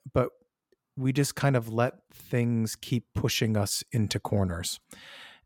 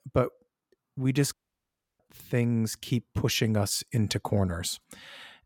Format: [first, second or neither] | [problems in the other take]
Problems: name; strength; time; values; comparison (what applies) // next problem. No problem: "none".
first | audio cutting out; at 1.5 s for 0.5 s